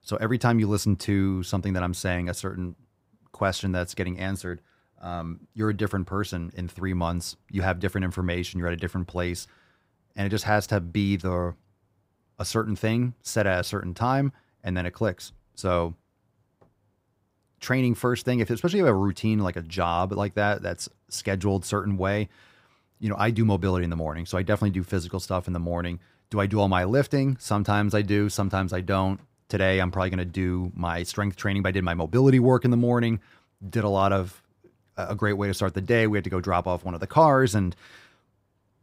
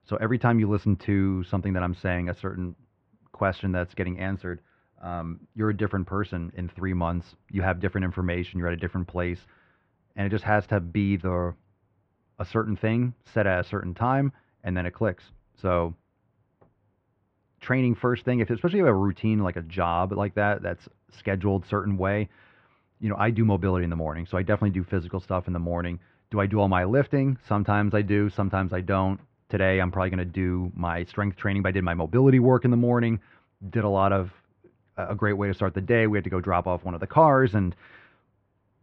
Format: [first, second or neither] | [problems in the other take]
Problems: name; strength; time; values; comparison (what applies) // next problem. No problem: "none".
first | muffled; very; fading above 3 kHz